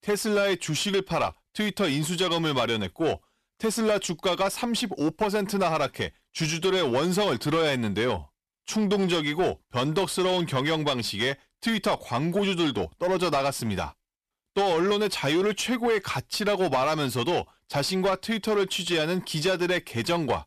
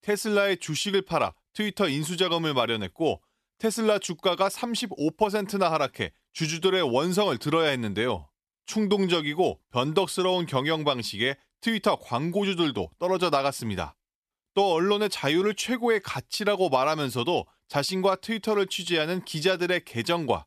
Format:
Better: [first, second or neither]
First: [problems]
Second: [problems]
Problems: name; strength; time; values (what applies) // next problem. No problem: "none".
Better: second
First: distortion; slight; 10 dB below the speech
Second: none